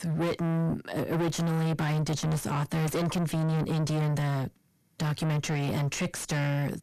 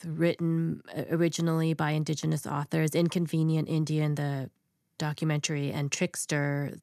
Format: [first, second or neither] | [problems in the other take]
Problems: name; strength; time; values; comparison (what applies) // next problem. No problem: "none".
second | distortion; heavy; 4 dB below the speech